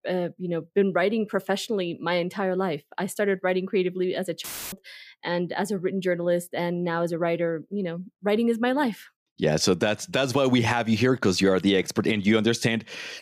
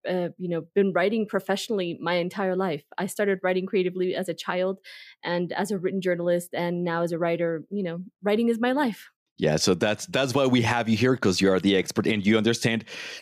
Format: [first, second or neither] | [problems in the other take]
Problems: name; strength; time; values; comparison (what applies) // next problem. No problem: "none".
second | audio cutting out; filled with static; at 4.5 s